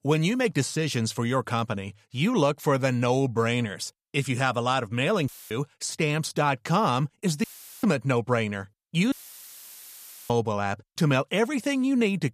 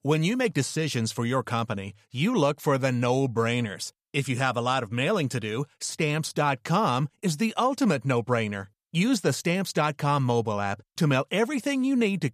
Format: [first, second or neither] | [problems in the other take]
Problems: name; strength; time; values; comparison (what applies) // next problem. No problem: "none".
second | audio cutting out; filled with static; at 5.5 s, at 7.5 s and at 9 s for 1 s